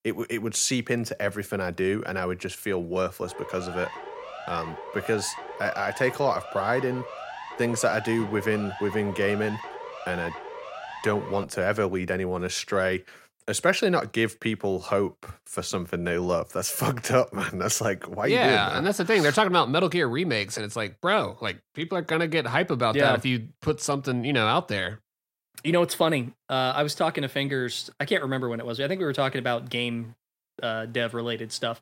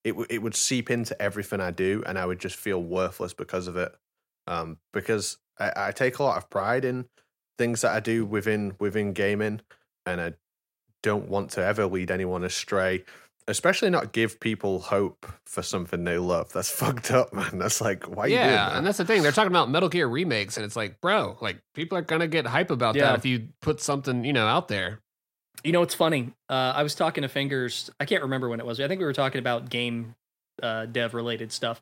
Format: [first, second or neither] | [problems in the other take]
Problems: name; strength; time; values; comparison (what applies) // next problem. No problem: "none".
second | siren; faint; from 3.5 to 11 s; peak 10 dB below the speech